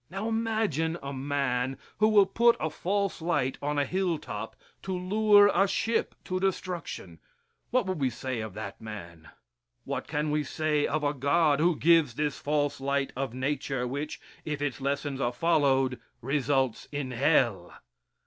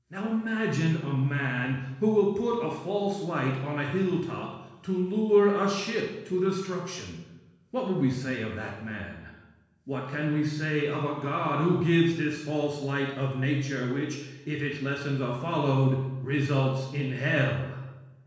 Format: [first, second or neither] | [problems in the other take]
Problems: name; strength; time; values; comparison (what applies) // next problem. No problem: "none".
first | room echo; dies away in 1.1 s